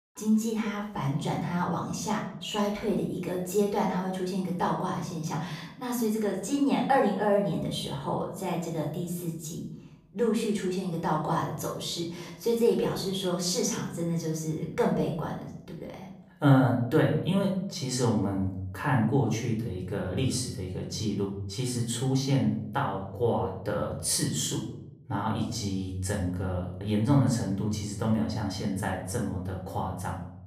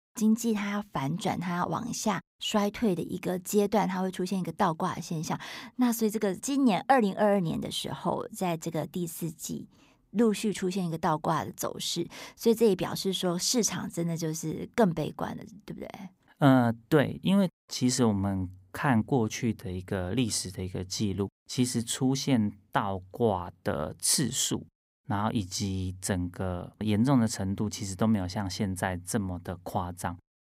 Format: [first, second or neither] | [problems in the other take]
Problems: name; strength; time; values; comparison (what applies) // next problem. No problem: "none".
second | off-mic speech; far // room echo; noticeable; dies away in 0.7 s